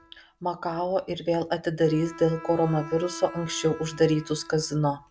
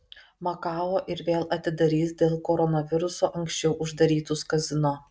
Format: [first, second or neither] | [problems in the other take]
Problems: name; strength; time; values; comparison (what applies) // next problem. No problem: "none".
second | background sound (Bowed string instrument); 17 dB below the speech